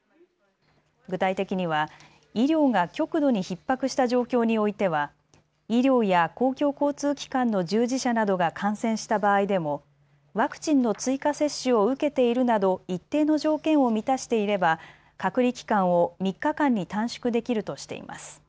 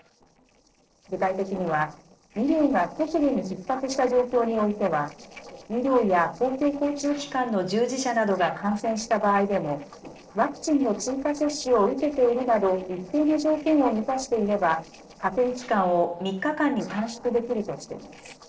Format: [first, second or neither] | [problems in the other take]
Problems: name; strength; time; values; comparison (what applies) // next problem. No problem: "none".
first | noise reduction (neural separator model SepFormer DNS4)